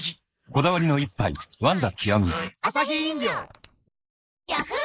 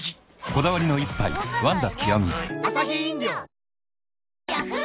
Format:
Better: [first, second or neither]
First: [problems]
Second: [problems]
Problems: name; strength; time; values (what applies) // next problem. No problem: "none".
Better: second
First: noise reduction (neural mask model Resemble Enhance denoiser)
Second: none